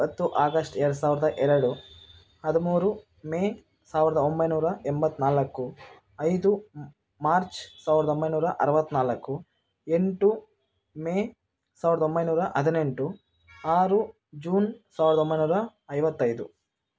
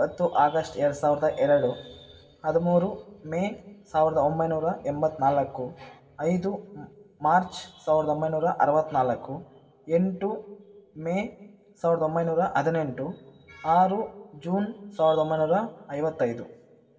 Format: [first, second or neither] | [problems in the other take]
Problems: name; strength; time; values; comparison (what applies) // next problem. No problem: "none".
first | room echo; dies away in 1.5 s